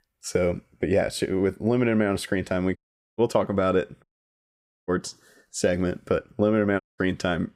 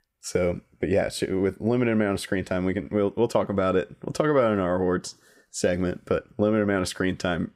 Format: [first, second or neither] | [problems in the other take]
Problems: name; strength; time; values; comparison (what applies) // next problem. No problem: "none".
second | audio cutting out; at 3 s, at 4 s for 1 s and at 7 s